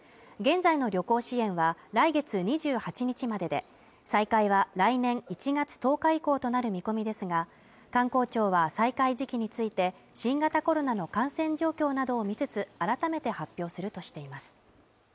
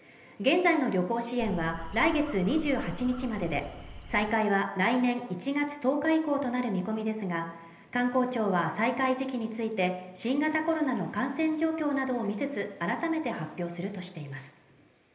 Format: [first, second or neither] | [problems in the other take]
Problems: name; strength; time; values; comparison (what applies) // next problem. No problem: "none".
first | background sound (Crow); 11 dB below the speech // room echo; dies away in 0.8 s